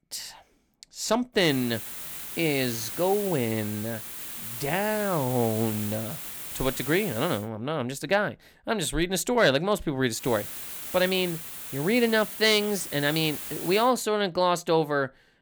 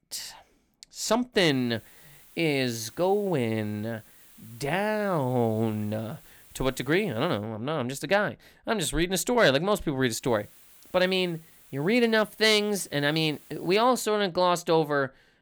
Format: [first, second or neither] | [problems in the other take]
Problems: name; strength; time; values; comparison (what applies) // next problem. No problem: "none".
second | hiss; loud; from 1.5 to 7.5 s and from 10 to 14 s; 8 dB below the speech; faint in the second